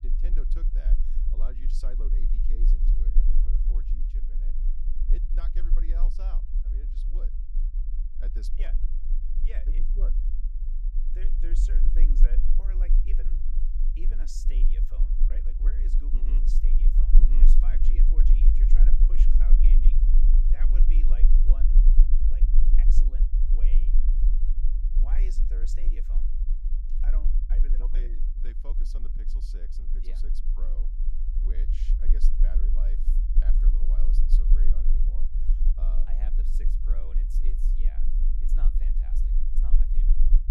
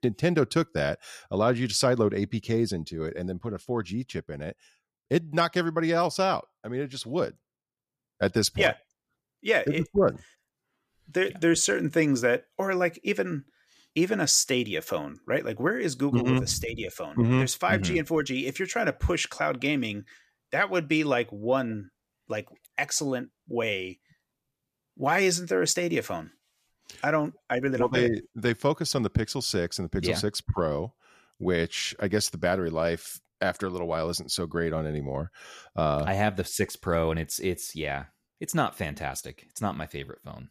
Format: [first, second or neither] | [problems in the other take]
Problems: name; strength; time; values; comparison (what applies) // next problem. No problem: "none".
second | low rumble; loud; throughout; 1 dB below the speech